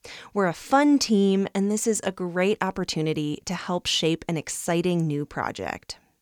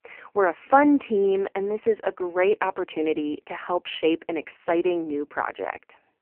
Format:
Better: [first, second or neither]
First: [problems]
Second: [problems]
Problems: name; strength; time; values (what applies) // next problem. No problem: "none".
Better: first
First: none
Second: phone-call audio; poor line; nothing above 3 kHz